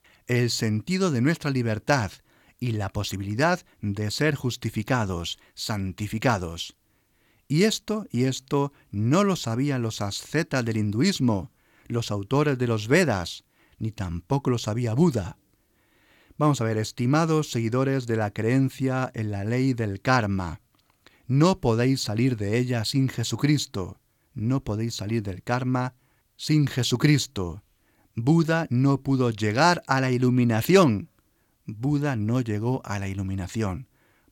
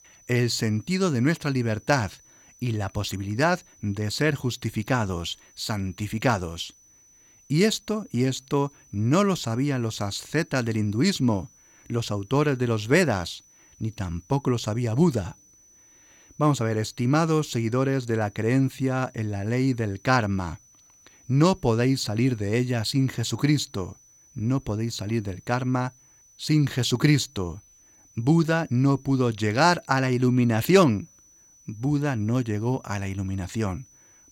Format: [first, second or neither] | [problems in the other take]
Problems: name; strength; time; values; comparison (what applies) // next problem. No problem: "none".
first | high-pitched whine; faint; throughout; 6 kHz, 30 dB below the speech